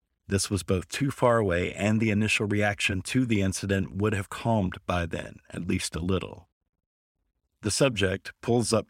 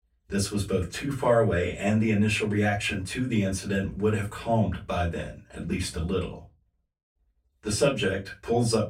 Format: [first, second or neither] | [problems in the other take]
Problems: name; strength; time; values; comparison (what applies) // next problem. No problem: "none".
first | off-mic speech; far // room echo; very slight; dies away in 0.2 s